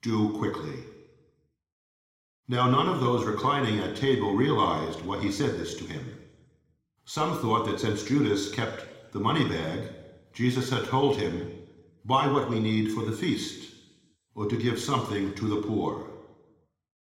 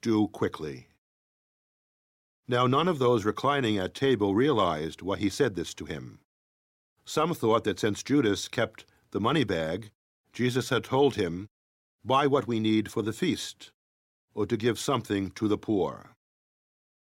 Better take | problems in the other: second | room echo; slight; dies away in 1 s

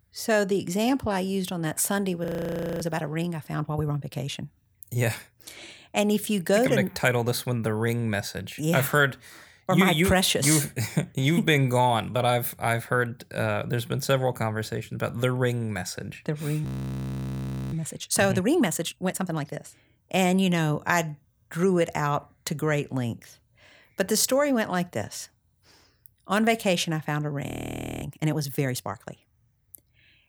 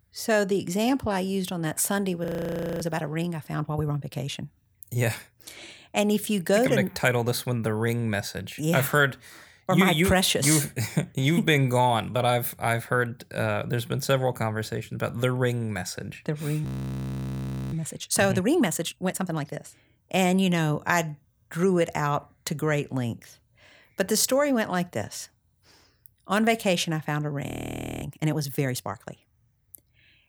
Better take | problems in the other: neither | audio freezing; at 2.5 s for 0.5 s, at 17 s for 1 s and at 27 s for 0.5 s; the same in both

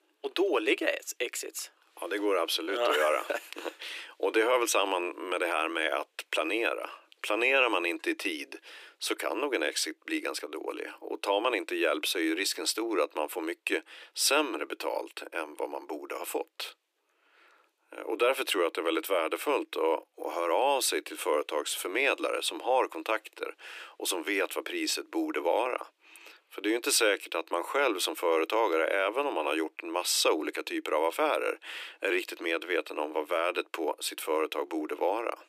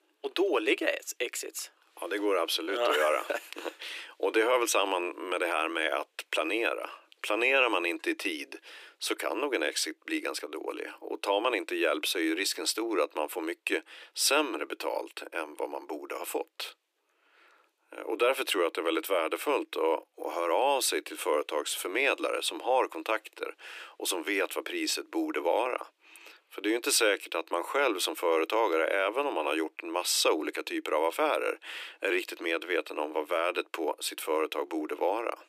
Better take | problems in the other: neither | thin; very; fading below 300 Hz; the same in both

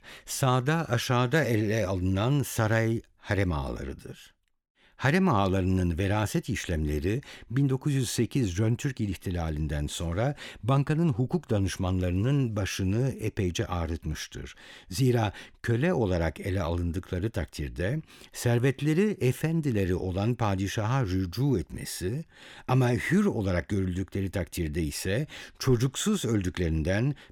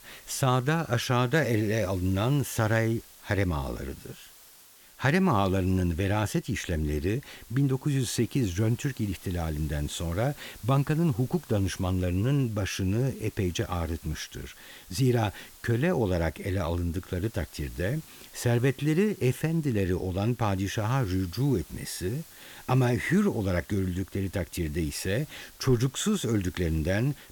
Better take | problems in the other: first | hiss; faint; throughout; 20 dB below the speech

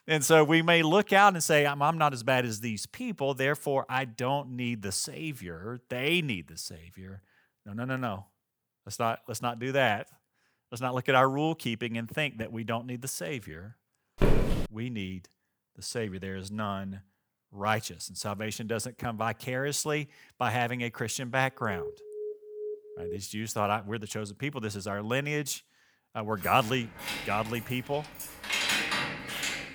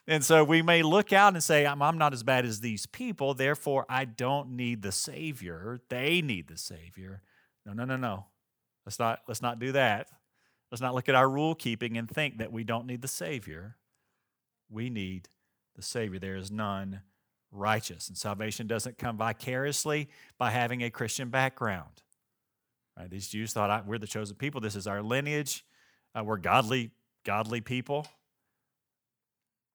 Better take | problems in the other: second | footsteps; loud; at 14 s; peak 2 dB above the speech // alarm; faint; from 22 to 23 s; peak 10 dB below the speech // jangling keys; loud; from 26 s on; peak 3 dB above the speech

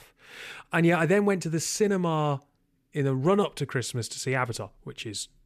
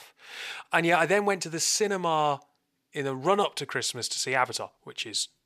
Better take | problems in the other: first | thin; somewhat; fading below 550 Hz

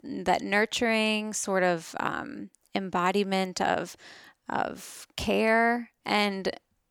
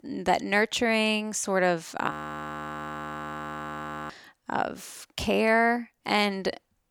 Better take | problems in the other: first | audio freezing; at 2 s for 2 s

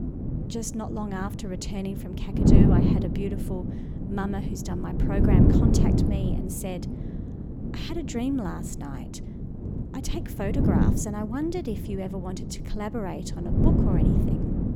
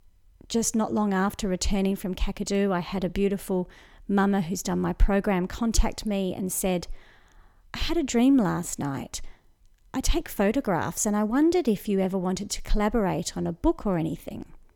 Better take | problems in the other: second | wind noise on the microphone; heavy; 2 dB above the speech

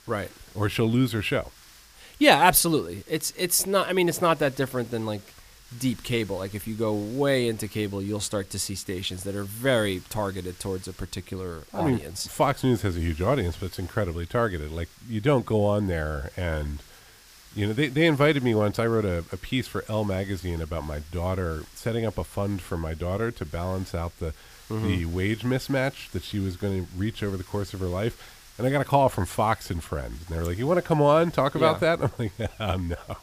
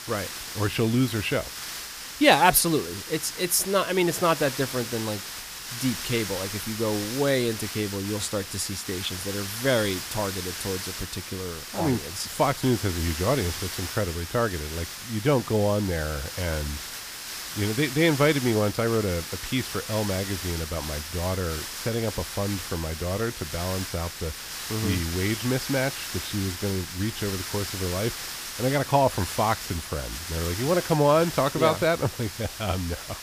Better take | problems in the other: first | hiss; loud; throughout; 7 dB below the speech; faint in the first

